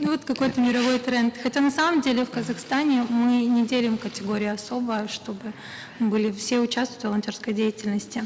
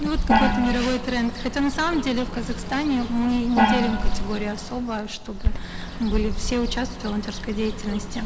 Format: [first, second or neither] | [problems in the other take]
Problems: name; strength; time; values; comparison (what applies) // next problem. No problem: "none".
first | background sound (Bird + Gong); as loud as the speech